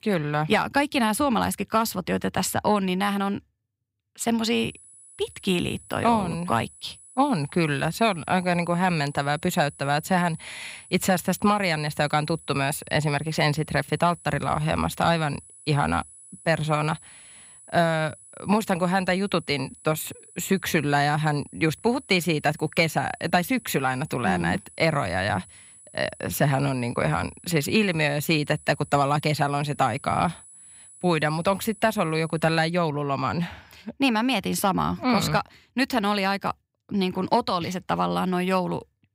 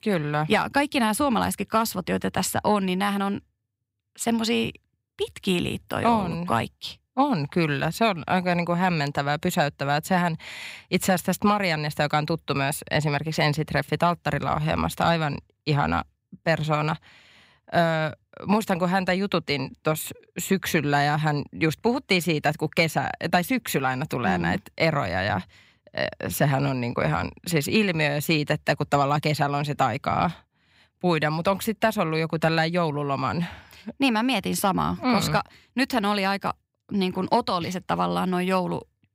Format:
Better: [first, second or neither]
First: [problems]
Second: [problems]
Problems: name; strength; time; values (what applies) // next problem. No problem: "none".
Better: second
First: high-pitched whine; faint; from 4.5 to 33 s; 10.5 kHz, 20 dB below the speech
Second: none